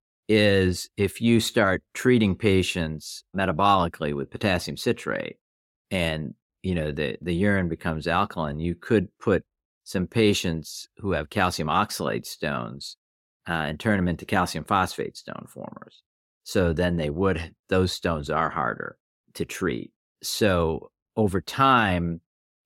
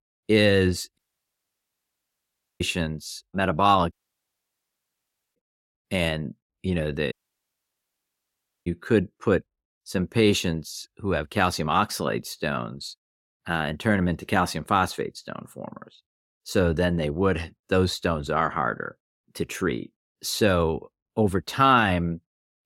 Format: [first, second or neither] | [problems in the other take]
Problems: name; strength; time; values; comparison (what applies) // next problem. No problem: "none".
first | audio cutting out; at 1 s for 1.5 s, at 4 s for 1.5 s and at 7 s for 1.5 s